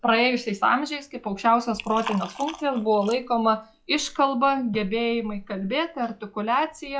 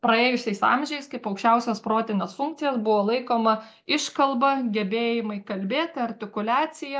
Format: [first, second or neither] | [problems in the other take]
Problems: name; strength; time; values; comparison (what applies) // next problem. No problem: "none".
second | noise reduction (classical method log-MMSE)